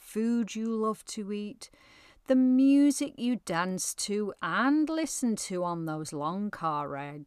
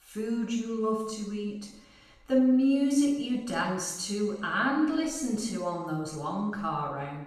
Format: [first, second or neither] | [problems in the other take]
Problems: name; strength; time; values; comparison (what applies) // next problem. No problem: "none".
first | room echo; noticeable; dies away in 0.8 s // off-mic speech; far